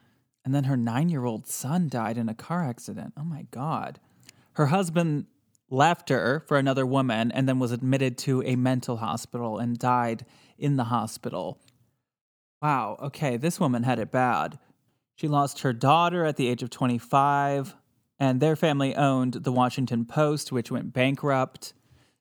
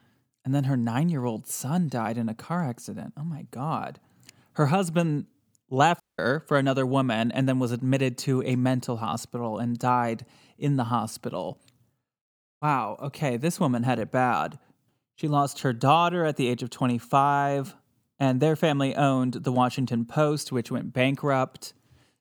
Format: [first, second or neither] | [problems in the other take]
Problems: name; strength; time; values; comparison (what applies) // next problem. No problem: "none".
first | audio cutting out; at 6 s